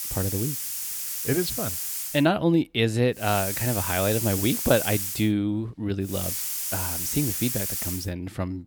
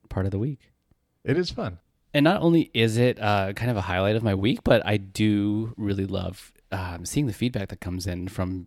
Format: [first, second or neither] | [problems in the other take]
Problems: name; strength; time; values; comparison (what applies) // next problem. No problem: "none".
second | hiss; loud; until 2 s, from 3.5 to 5 s and from 6 to 8 s; 2 dB below the speech